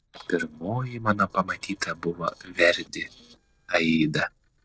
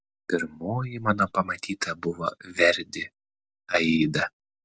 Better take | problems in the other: second | noise reduction (neural separator model SepFormer DNS4)

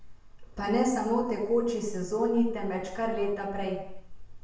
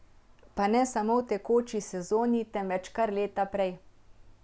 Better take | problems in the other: second | room echo; dies away in 0.7 s

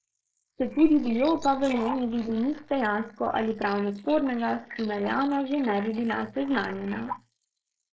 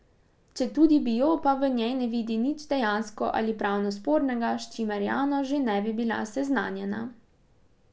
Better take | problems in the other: second | noise reduction (neural mask model Resemble Enhance denoiser)

